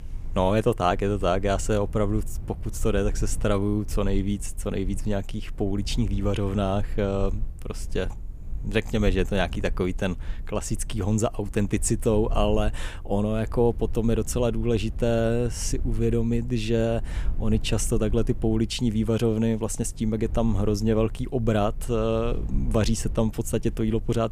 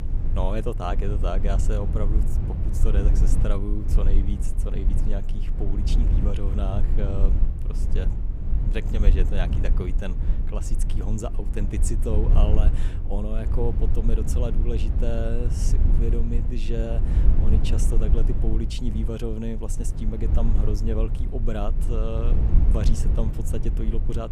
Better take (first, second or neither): first